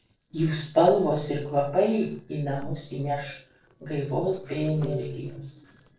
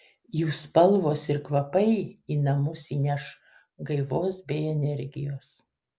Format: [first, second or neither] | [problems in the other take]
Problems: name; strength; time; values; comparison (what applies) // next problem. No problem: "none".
second | noise reduction (neural separator model SepFormer DNS4)